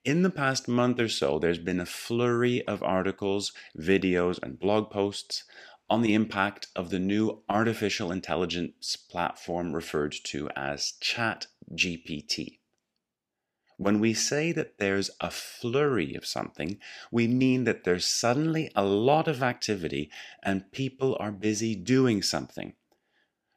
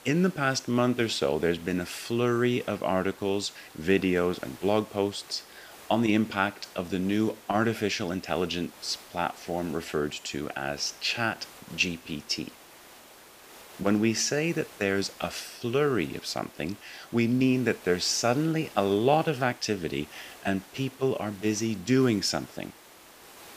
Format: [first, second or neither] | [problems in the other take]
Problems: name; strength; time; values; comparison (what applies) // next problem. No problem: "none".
first | hiss; faint; throughout; 20 dB below the speech